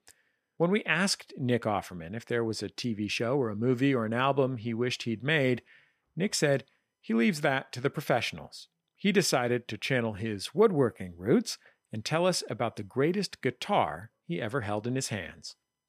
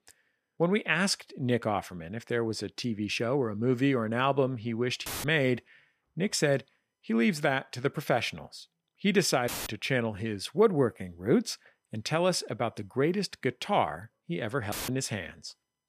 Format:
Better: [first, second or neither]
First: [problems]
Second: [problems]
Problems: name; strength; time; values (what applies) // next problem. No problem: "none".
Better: first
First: none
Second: audio cutting out; filled with static; at 5 s, at 9.5 s and at 15 s